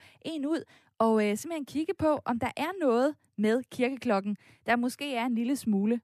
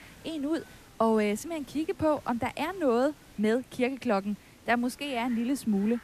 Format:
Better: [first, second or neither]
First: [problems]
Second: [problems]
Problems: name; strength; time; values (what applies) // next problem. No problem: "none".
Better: first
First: none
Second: hiss; faint; throughout; 25 dB below the speech